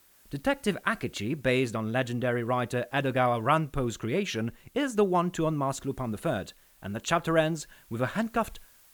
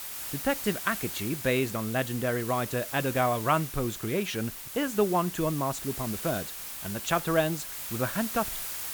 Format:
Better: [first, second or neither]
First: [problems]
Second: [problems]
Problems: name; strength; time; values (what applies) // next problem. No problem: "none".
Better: first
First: hiss; faint; throughout; 30 dB below the speech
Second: hiss; loud; throughout; 6 dB below the speech